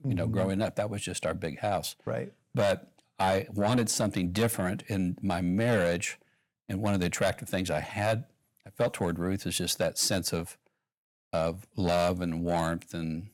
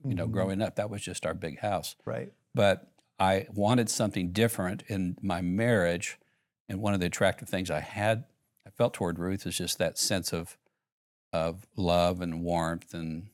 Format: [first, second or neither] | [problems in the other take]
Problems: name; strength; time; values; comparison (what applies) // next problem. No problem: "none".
second | distortion; slight; 10 dB below the speech